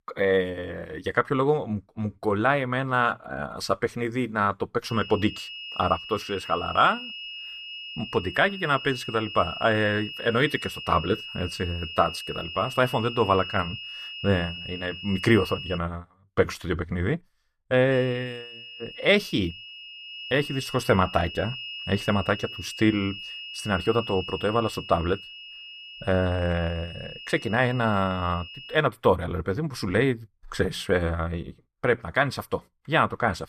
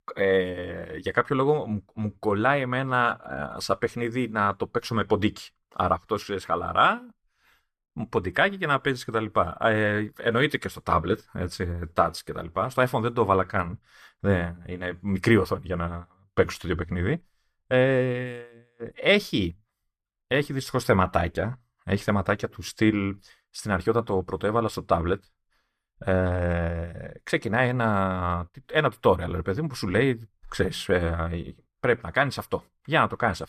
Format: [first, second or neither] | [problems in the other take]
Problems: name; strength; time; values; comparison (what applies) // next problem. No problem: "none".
second | high-pitched whine; noticeable; from 5 to 16 s and from 18 to 29 s; 3 kHz, 10 dB below the speech